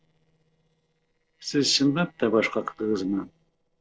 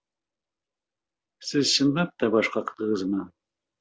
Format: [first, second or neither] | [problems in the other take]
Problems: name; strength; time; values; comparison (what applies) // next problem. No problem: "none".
second | noise reduction (neural separator model SepFormer DNS4)